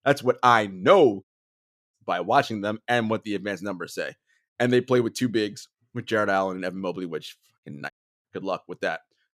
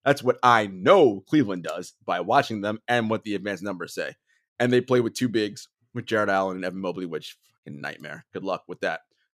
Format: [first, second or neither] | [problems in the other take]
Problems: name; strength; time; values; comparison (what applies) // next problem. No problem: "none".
second | audio cutting out; at 1 s for 0.5 s and at 8 s